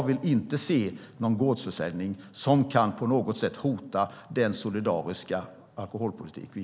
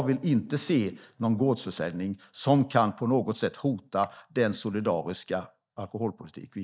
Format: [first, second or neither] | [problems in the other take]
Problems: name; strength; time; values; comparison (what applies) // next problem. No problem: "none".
first | noise reduction (neural mask model DeepFilterNet 3)